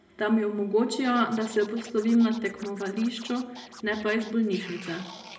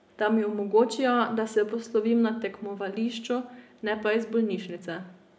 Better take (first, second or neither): second